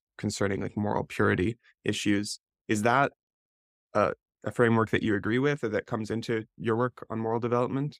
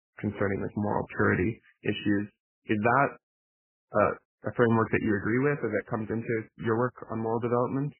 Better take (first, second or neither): first